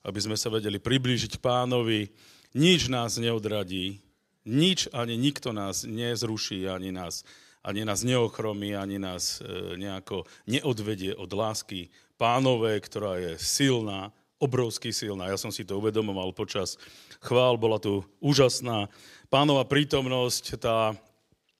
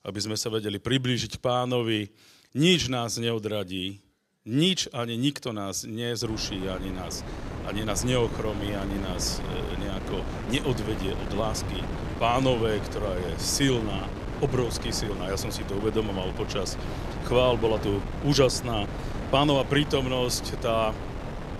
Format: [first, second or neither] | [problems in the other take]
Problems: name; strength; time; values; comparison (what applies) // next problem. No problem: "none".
first | wind noise on the microphone; heavy; from 6.5 s on; 10 dB below the speech